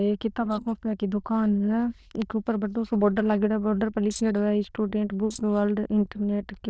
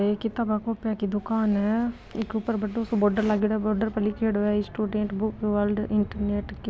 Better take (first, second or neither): second